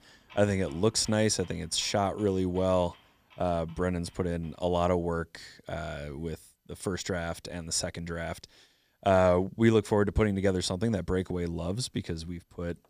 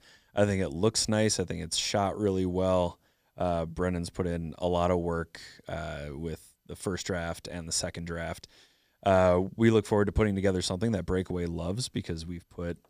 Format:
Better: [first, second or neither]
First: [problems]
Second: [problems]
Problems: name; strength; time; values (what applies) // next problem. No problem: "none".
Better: second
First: household noises; faint; throughout; 30 dB below the speech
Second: none